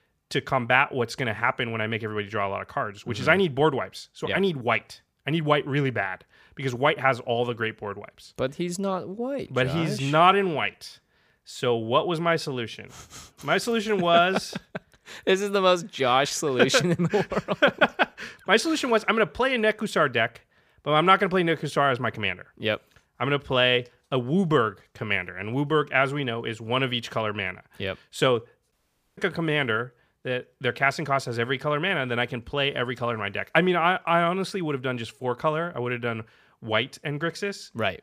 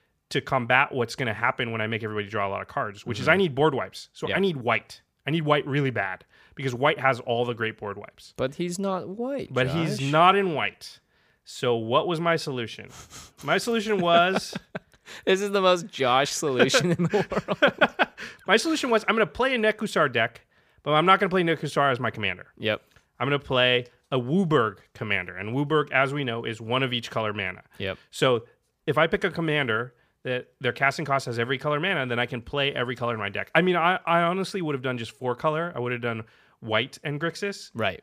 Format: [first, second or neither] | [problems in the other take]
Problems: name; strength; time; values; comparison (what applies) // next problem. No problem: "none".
second | audio cutting out; at 29 s